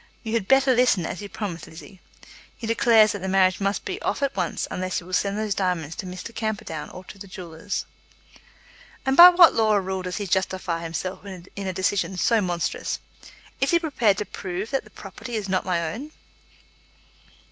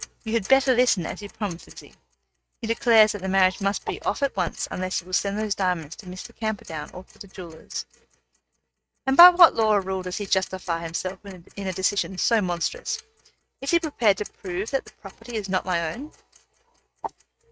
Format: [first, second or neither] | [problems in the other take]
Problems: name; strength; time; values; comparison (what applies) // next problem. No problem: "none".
first | noise reduction (neural mask model RNNoise)